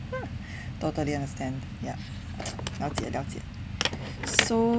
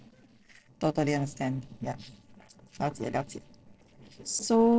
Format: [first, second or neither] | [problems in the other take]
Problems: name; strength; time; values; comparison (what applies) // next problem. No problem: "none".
first | noise reduction (neural separator model SepFormer DNS4)